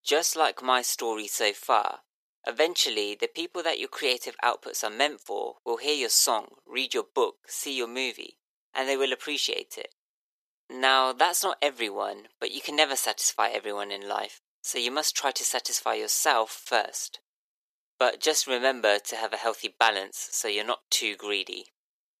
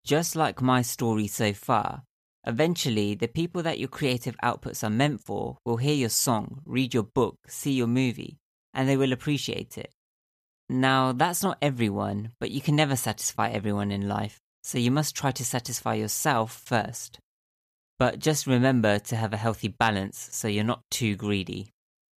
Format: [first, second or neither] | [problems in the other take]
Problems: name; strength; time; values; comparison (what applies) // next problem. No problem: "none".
second | thin; very; fading below 400 Hz